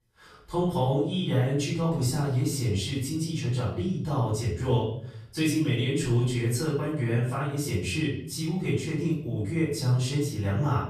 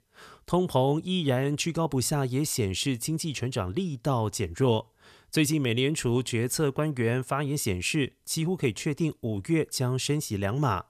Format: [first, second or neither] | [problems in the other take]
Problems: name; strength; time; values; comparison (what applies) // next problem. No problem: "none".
second | off-mic speech; far // room echo; noticeable; dies away in 0.8 s